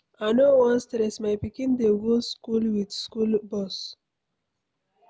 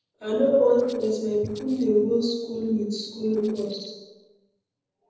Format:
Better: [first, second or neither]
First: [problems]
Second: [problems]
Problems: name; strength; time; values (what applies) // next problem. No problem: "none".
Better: first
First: none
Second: noise reduction (neural separator model SepFormer DNS4)